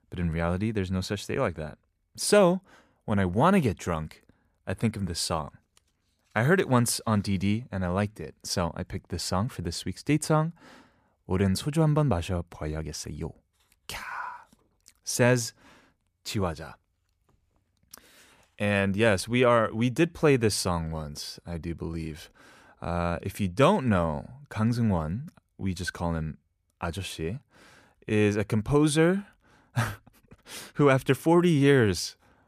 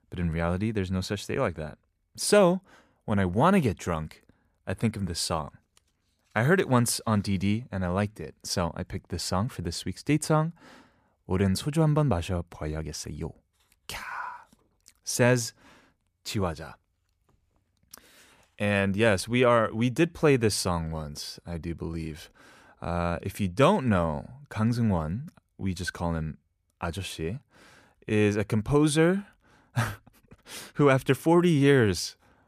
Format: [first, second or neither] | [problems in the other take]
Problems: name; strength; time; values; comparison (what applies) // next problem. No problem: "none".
neither | none